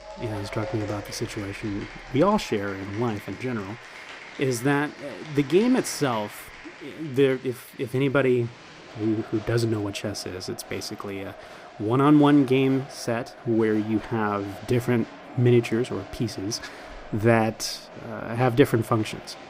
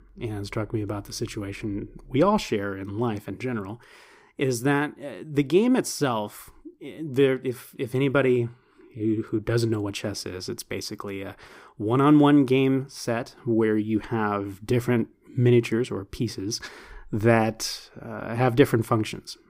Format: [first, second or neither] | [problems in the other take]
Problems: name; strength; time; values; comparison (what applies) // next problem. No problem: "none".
second | crowd noise; noticeable; throughout; 15 dB below the speech